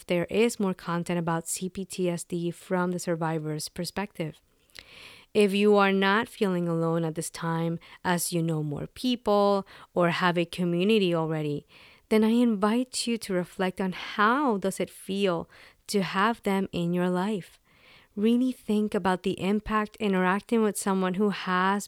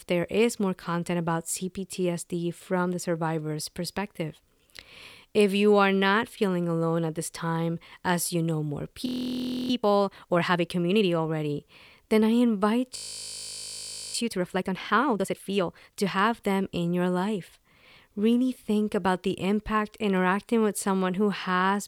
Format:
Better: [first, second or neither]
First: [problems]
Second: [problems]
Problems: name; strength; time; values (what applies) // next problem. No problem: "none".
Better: first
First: none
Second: audio freezing; at 9 s for 0.5 s and at 13 s for 1 s